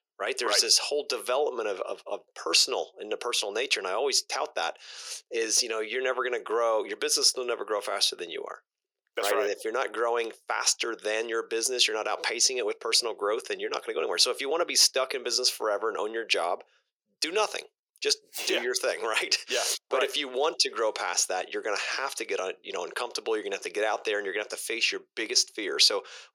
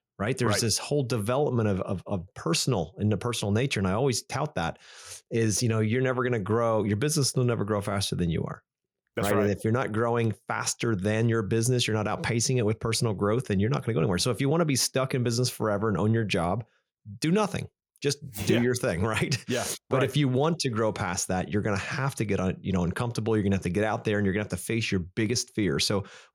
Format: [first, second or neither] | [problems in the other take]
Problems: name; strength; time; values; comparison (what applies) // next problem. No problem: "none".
second | thin; very; fading below 400 Hz